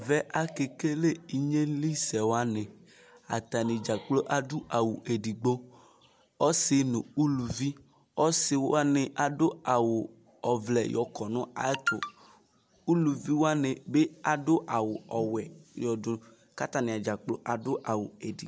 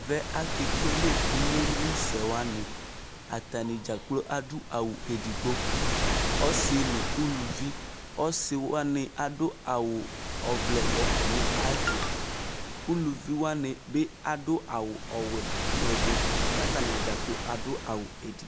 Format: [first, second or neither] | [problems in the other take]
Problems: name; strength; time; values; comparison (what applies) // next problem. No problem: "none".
first | background sound (Waves, surf); 2 dB above the speech